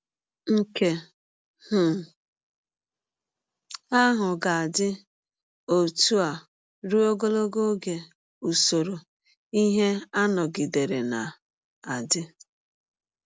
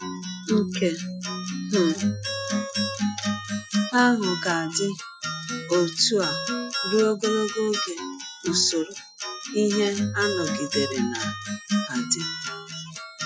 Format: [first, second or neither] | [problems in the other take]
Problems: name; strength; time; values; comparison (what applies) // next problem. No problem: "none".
first | noise reduction (classical method Wiener filter)